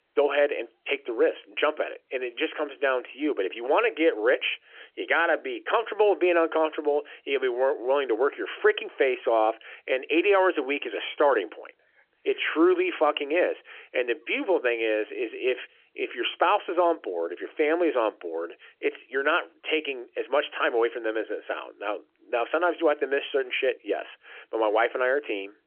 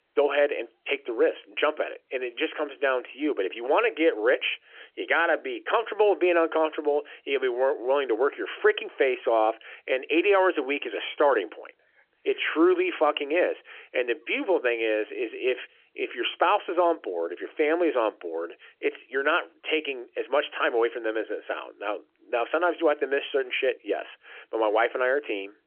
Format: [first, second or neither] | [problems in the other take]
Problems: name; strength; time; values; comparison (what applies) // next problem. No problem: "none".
neither | phone-call audio; nothing above 3 kHz; the same in both